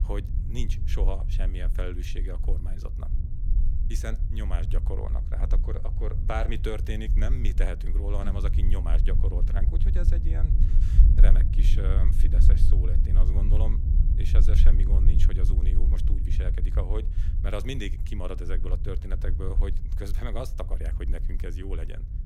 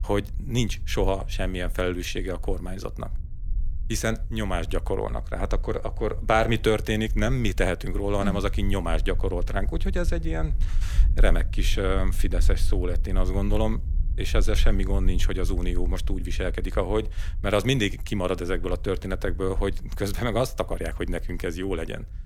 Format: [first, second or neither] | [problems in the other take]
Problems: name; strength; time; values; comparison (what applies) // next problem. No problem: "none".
second | low rumble; loud; throughout; 6 dB below the speech; faint in the second